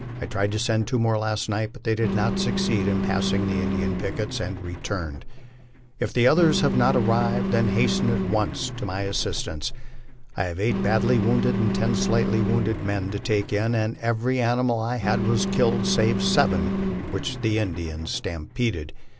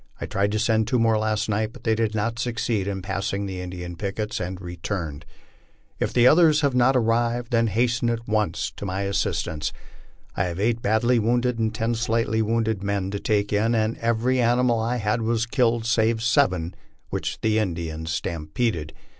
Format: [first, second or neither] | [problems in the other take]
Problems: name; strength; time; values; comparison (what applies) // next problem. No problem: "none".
second | background sound (Engine); 3 dB below the speech